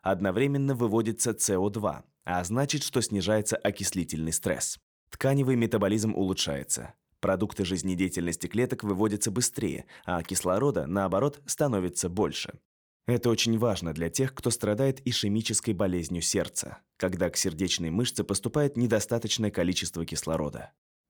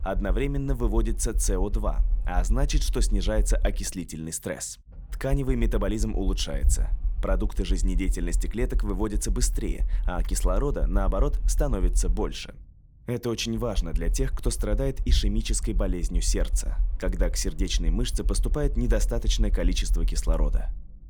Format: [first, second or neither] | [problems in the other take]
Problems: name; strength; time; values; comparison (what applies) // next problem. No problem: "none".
first | low rumble; faint; throughout; 20 dB below the speech